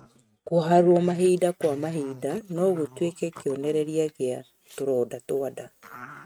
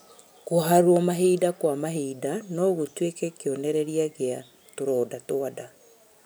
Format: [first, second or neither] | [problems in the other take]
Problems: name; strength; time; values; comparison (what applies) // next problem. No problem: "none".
second | noise reduction (neural mask model RNNoise)